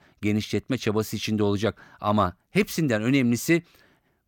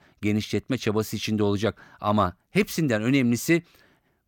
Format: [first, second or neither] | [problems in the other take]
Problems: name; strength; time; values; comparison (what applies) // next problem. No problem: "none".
neither | none